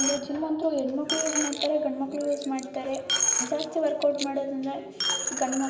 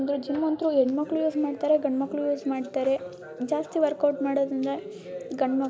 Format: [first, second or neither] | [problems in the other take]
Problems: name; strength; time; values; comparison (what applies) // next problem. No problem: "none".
second | background sound (Coin (dropping)); 3 dB below the speech // room echo; dies away in 1.3 s